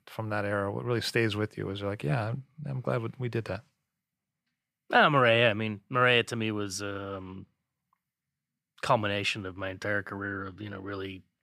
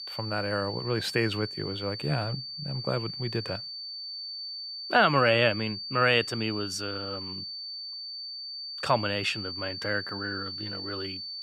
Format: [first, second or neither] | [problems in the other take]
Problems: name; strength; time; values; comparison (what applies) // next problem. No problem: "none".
first | high-pitched whine; loud; throughout; 4.5 kHz, 7 dB below the speech